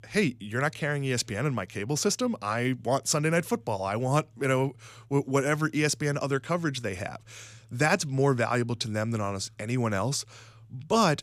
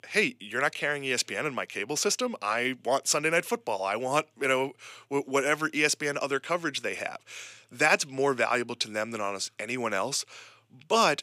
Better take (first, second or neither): first